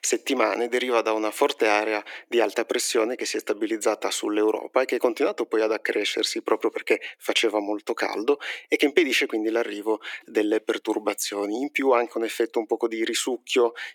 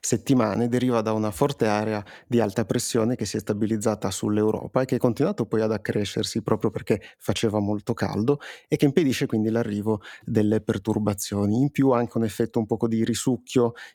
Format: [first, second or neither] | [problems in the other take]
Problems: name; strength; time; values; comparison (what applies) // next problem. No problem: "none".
second | thin; somewhat; fading below 300 Hz